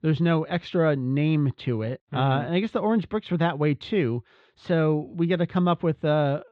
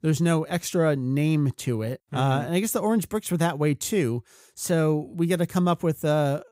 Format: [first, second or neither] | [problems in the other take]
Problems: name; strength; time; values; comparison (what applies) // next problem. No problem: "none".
second | muffled; very; fading above 4 kHz